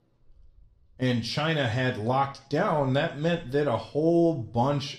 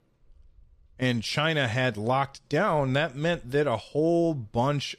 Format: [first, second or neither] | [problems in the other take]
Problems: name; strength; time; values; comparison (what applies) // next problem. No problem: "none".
second | room echo; very slight; dies away in 0.4 s